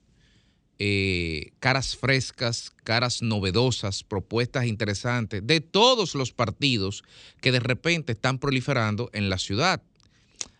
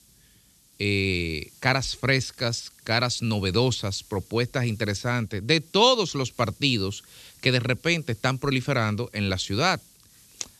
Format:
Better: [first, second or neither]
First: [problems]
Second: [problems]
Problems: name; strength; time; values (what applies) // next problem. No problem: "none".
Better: first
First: none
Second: hiss; faint; throughout; 25 dB below the speech